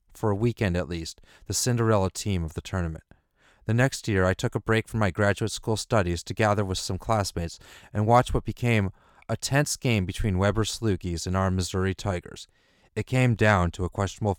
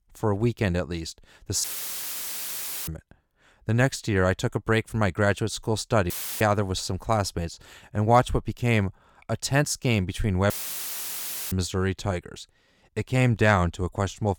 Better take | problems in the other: first | audio cutting out; filled with static; at 1.5 s for 1 s, at 6 s and at 11 s for 1 s

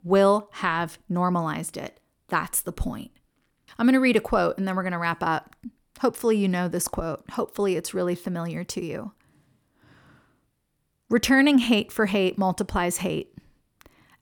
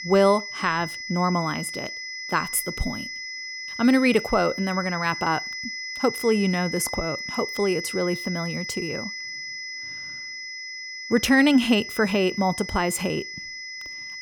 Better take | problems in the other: first | high-pitched whine; loud; throughout; 2 kHz, 8 dB below the speech

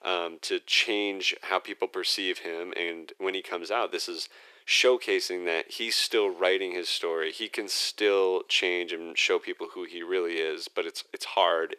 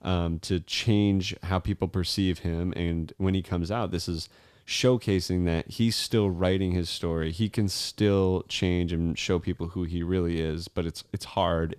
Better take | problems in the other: second | thin; very; fading below 350 Hz

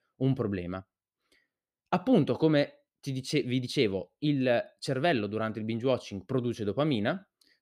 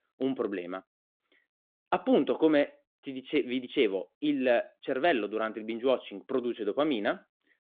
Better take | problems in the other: first | phone-call audio

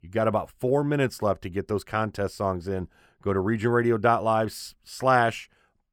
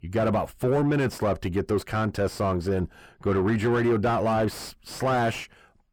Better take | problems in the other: first | distortion; heavy; 6 dB below the speech

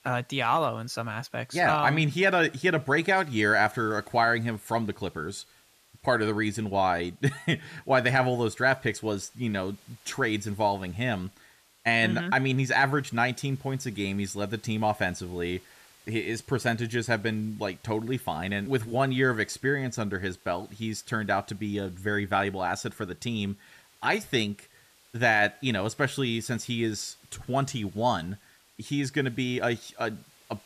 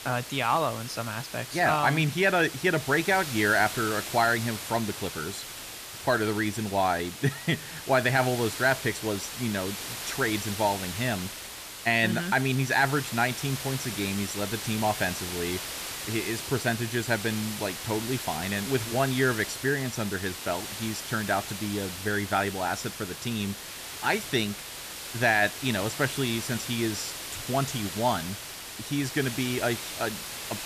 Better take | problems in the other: first | hiss; loud; throughout; 7 dB below the speech; faint in the first

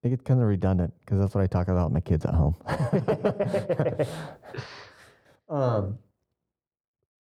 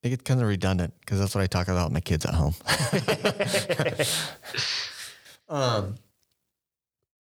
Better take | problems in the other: second | muffled; very; fading above 1.5 kHz

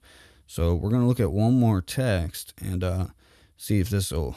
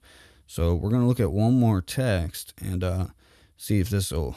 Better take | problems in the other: neither | none

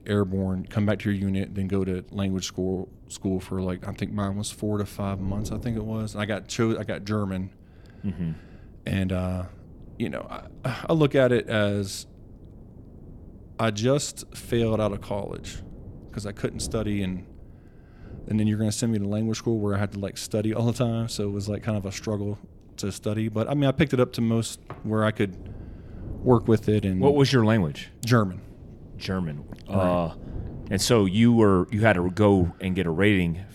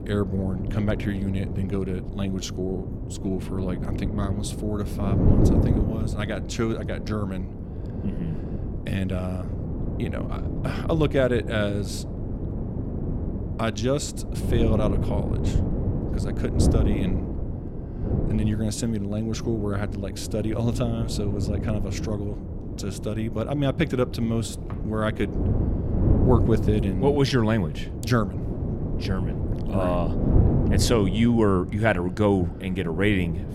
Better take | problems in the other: first | wind noise on the microphone; heavy; 7 dB below the speech; occasional gusts in the first

